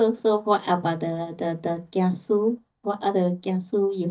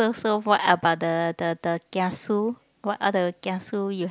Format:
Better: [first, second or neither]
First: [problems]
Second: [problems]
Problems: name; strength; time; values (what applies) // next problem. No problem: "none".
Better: second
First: noise reduction (neural mask model DeepFilterNet 3)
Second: none